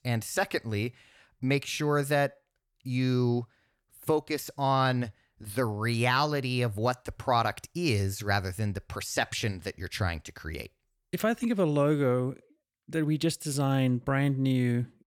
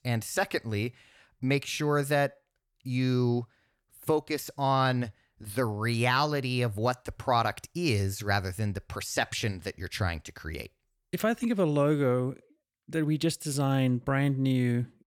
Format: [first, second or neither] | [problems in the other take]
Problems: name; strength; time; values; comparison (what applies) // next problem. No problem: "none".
neither | none